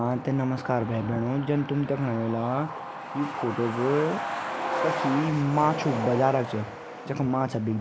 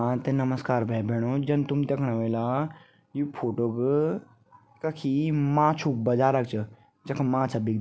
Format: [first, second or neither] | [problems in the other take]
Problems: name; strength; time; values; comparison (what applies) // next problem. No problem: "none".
second | background sound (Truck); 7 dB below the speech